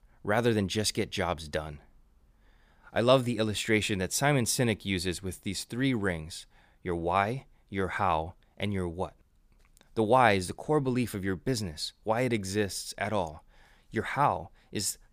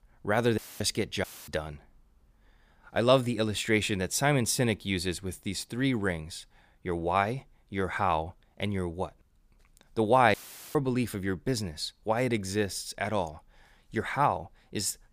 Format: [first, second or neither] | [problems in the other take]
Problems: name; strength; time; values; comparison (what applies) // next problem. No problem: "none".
first | audio cutting out; filled with static; at 0.5 s, at 1 s and at 10 s